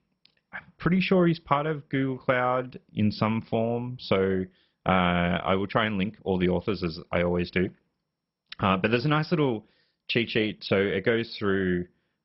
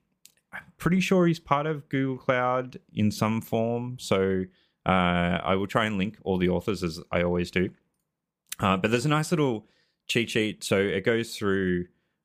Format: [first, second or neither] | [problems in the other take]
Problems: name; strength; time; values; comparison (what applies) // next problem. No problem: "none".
second | garbled, watery; badly; nothing above 5.5 kHz